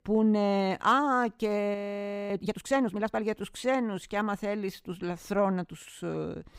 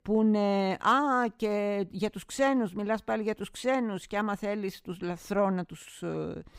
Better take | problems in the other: second | audio freezing; at 1.5 s for 0.5 s

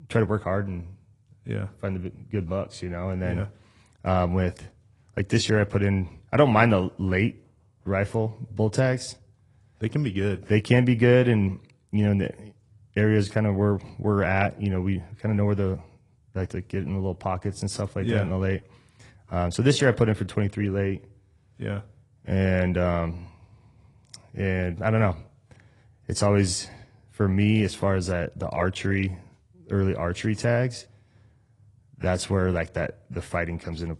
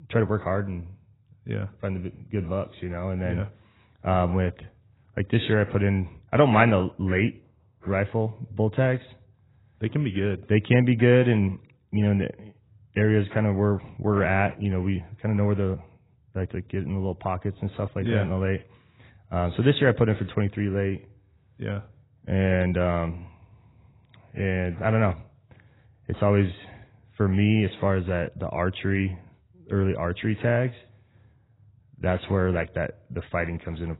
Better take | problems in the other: first | garbled, watery; badly; nothing above 4 kHz; slightly in the first

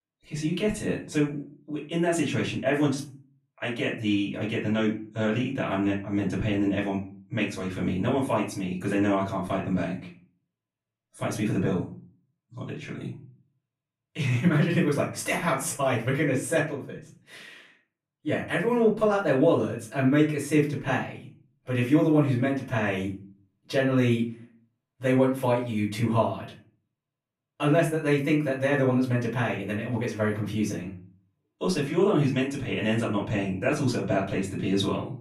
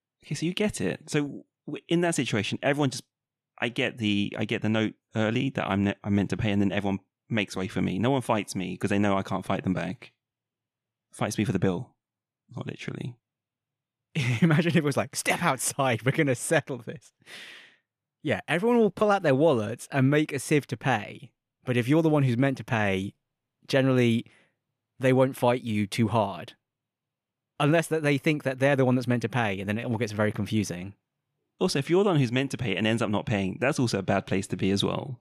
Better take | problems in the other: second | room echo; slight; dies away in 0.3 s // off-mic speech; far

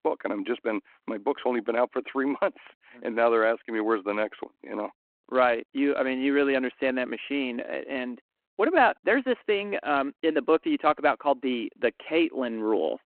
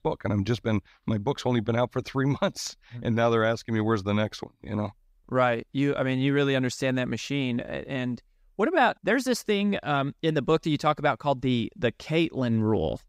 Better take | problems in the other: second | phone-call audio

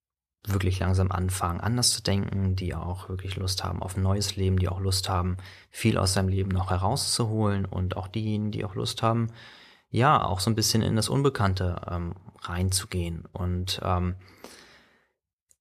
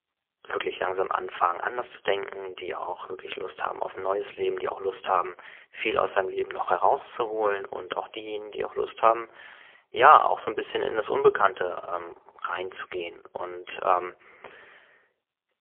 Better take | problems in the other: first | phone-call audio; poor line; nothing above 3.5 kHz

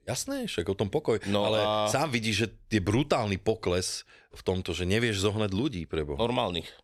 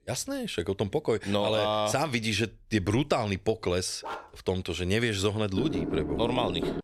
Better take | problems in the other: first | dog barking; faint; at 4 s; peak 10 dB below the speech // door banging; noticeable; from 5.5 s on; peak 3 dB below the speech

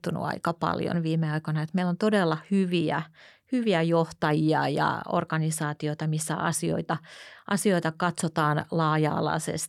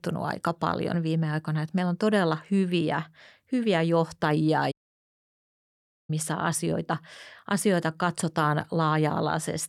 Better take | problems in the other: first | audio cutting out; at 4.5 s for 1.5 s

